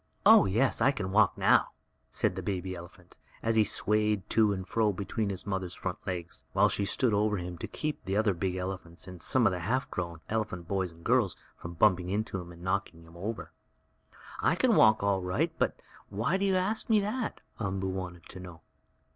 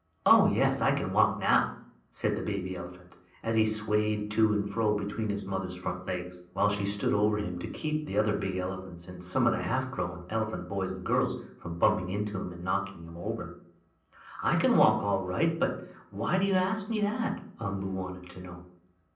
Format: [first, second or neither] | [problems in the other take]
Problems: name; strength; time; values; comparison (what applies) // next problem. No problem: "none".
first | room echo; dies away in 0.6 s